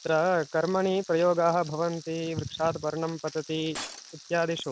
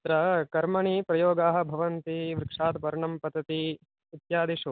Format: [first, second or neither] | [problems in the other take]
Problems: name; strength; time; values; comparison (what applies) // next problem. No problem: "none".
second | background sound (Shatter + Frying (food)); 18 dB below the speech